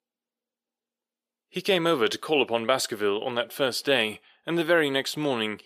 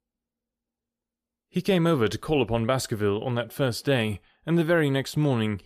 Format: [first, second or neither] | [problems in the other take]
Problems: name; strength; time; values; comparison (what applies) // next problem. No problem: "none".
second | thin; somewhat; fading below 350 Hz